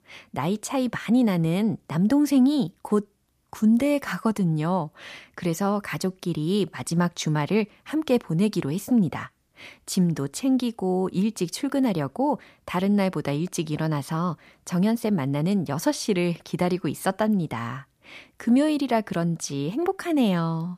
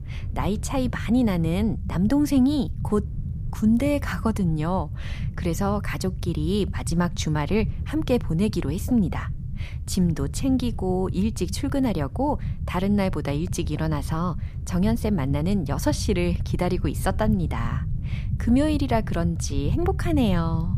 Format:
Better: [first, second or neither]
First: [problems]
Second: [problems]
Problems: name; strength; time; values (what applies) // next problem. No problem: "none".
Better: first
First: none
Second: low rumble; noticeable; throughout; 15 dB below the speech